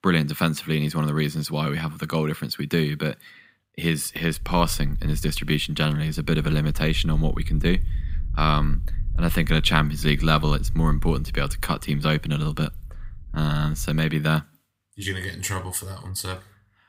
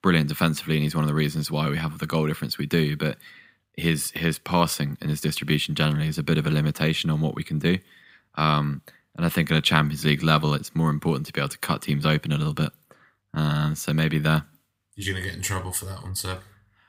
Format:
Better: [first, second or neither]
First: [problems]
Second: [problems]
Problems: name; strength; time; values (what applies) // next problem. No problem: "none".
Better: second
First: low rumble; faint; from 4 to 14 s; 25 dB below the speech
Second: none